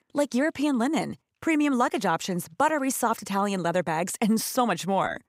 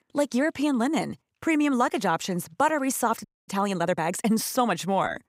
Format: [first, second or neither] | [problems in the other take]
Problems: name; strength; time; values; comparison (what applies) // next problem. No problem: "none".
first | audio freezing; at 3 s